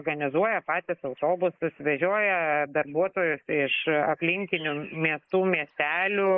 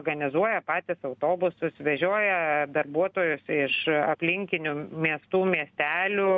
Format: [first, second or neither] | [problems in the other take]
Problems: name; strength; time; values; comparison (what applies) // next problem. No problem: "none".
second | noise reduction (neural mask model Resemble Enhance denoiser)